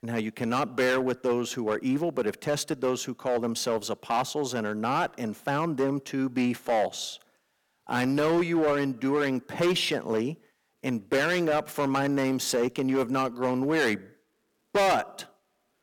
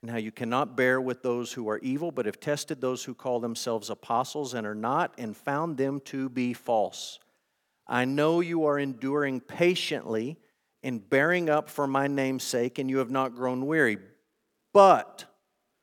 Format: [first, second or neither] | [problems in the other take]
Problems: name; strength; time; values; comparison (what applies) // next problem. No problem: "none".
second | distortion; heavy; 9% of the sound clipped